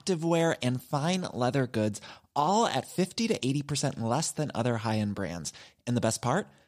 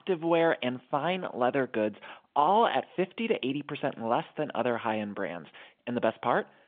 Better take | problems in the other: first | phone-call audio

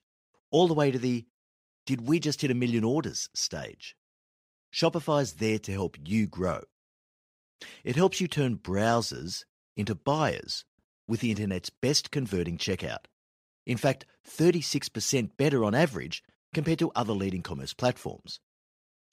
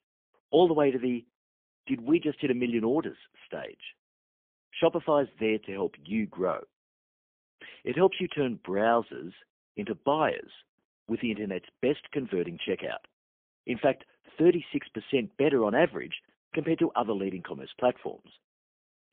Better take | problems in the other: first | phone-call audio; poor line; nothing above 3.5 kHz

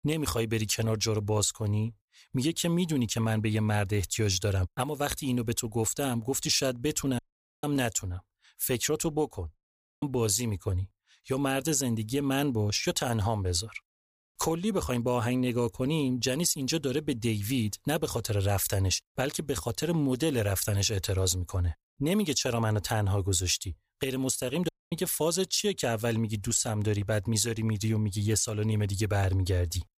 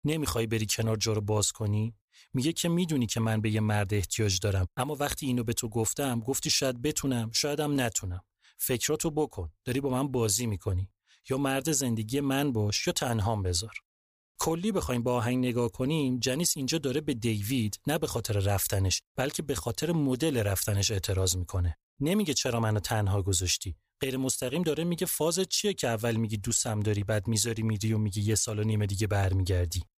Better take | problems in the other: second | audio cutting out; at 7 s, at 9.5 s and at 25 s

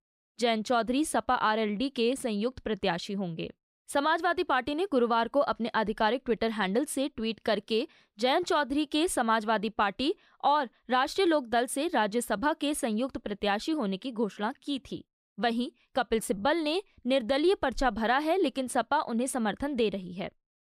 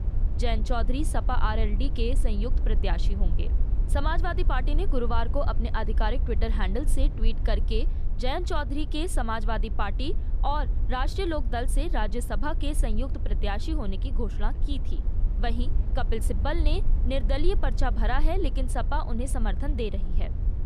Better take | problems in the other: first | low rumble; noticeable; throughout; 15 dB below the speech

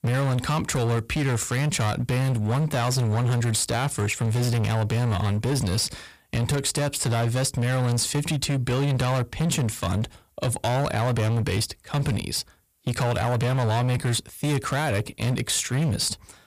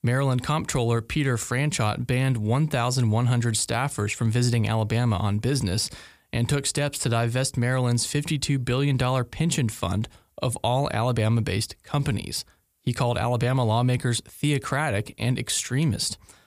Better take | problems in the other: second | distortion; slight; 25% of the sound clipped

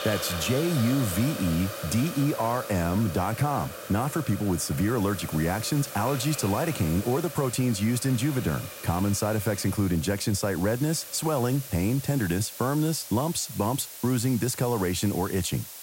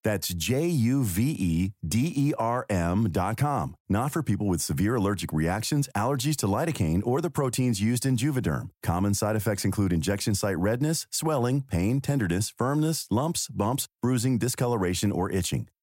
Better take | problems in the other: second | hiss; noticeable; throughout; 10 dB below the speech

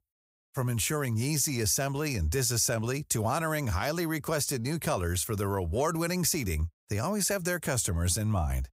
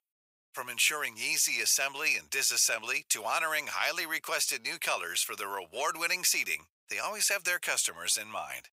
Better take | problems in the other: first | thin; very; fading below 750 Hz

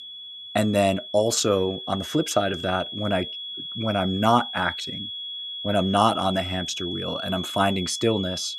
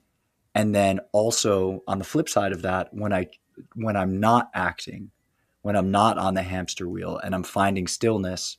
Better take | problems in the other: second | high-pitched whine; loud; throughout; 3.5 kHz, 8 dB below the speech

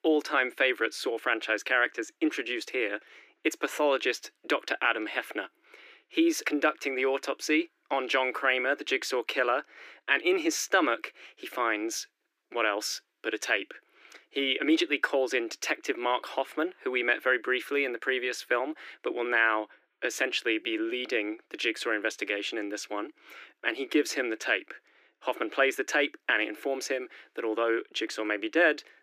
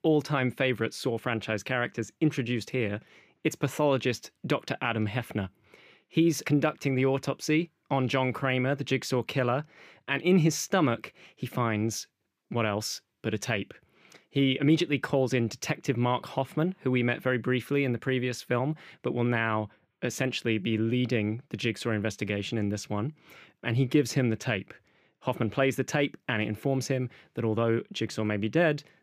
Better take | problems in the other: second | thin; very; fading below 300 Hz

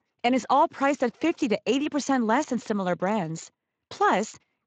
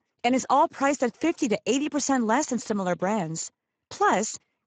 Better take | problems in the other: first | garbled, watery; badly; nothing above 7.5 kHz; slightly in the first

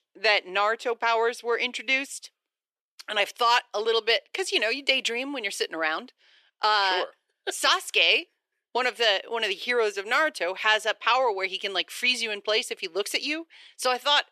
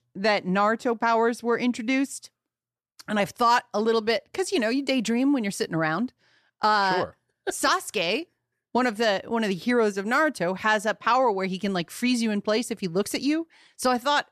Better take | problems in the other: second | thin; very; fading below 400 Hz

